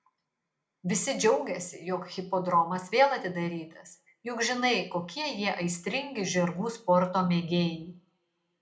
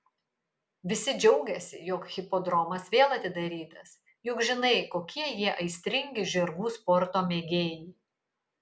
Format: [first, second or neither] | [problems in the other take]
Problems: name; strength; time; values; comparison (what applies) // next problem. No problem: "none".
second | room echo; dies away in 0.3 s